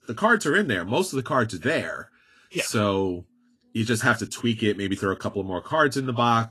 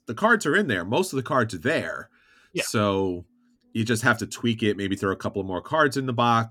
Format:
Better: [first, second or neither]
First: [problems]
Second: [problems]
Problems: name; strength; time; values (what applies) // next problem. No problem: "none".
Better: second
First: garbled, watery; slightly; nothing above 12.5 kHz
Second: none